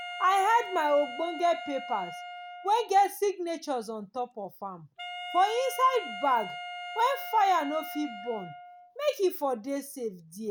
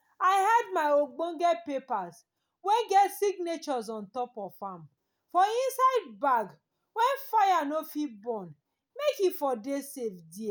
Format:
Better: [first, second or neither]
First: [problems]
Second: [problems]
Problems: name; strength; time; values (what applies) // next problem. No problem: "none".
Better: second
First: background sound (Wind instrument, woodwind instrument); 12 dB below the speech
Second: none